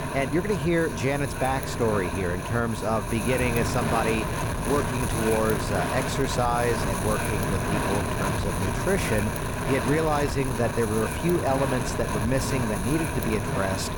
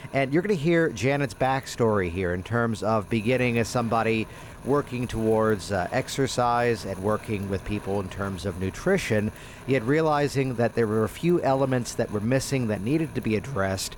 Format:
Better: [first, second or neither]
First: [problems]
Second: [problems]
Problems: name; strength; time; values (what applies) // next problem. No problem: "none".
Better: second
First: wind noise on the microphone; heavy; 2 dB below the speech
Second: wind noise on the microphone; occasional gusts; 20 dB below the speech